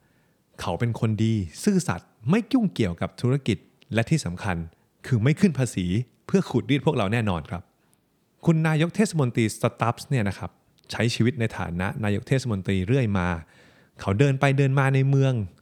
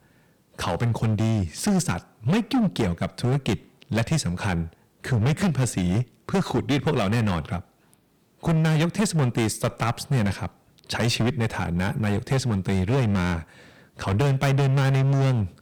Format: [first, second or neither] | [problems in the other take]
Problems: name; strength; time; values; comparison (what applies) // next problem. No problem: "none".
first | distortion; heavy; 16% of the sound clipped